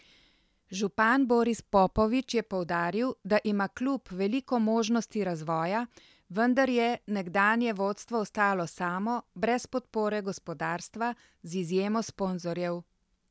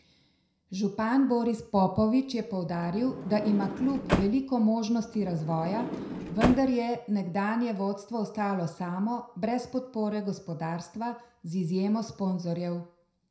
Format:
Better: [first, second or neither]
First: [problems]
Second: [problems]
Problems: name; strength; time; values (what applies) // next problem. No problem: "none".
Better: first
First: none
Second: background sound (Sliding door); 5 dB below the speech // room echo; dies away in 0.5 s